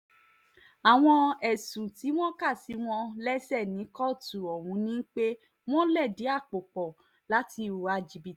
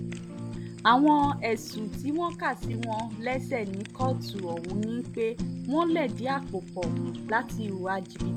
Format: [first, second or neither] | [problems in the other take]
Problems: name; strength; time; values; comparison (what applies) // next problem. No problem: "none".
first | background sound (Fire); 6 dB below the speech